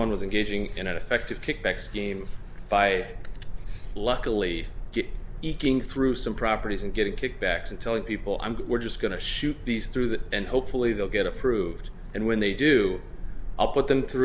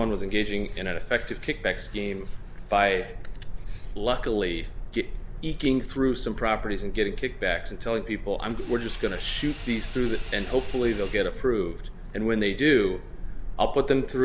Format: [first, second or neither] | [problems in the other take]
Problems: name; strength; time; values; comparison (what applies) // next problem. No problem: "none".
first | background sound (Engine / Vehicle); 16 dB below the speech